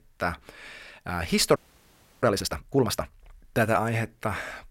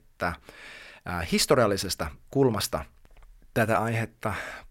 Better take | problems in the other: second | audio freezing; at 1.5 s for 0.5 s

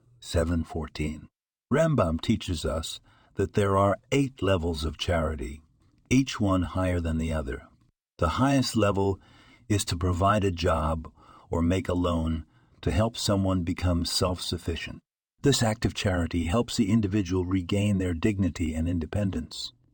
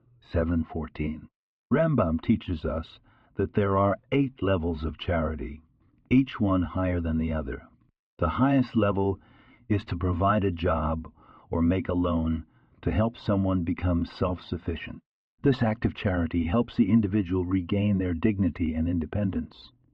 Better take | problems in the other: first | muffled; very; fading above 3 kHz

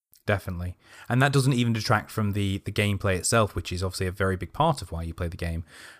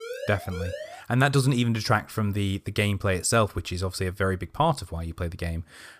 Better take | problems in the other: first | siren; noticeable; until 1 s; peak 10 dB below the speech

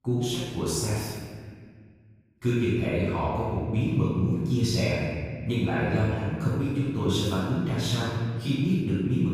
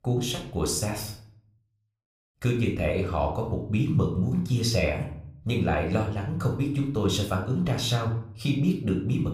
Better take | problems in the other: second | room echo; strong; dies away in 1.8 s; slight in the second // off-mic speech; far

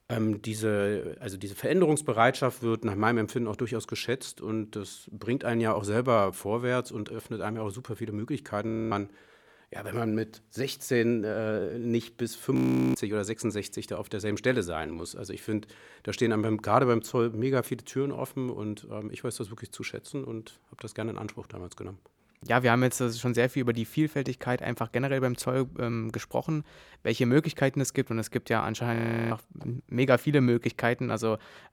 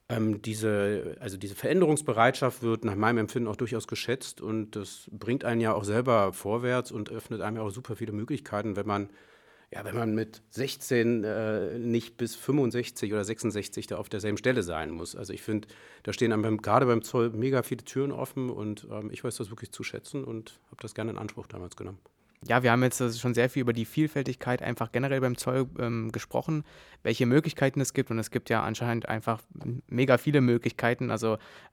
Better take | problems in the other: second | audio freezing; at 8.5 s, at 13 s and at 29 s

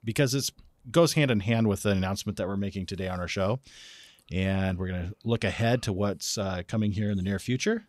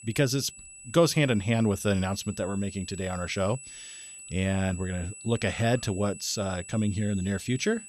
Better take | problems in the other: first | high-pitched whine; noticeable; throughout; 8 kHz, 15 dB below the speech

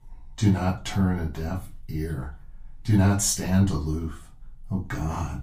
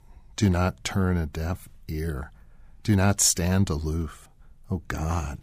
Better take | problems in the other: second | off-mic speech; far // room echo; very slight; dies away in 0.2 s

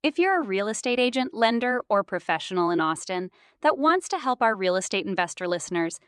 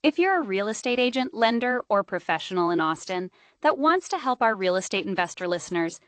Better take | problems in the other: first | garbled, watery; slightly; nothing above 8 kHz

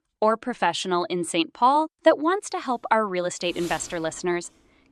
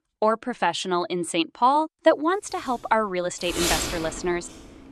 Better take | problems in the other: first | household noises; loud; from 2.5 s on; 4 dB below the speech; faint in the first

